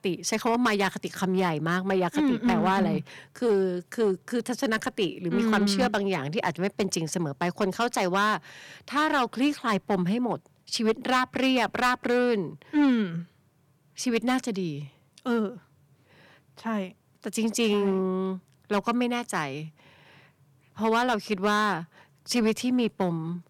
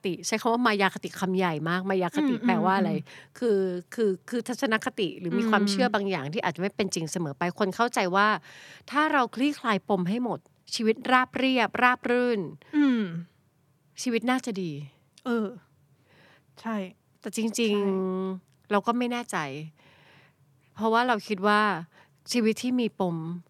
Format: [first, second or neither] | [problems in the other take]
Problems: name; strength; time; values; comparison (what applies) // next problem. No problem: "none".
second | distortion; slight; 4% of the sound clipped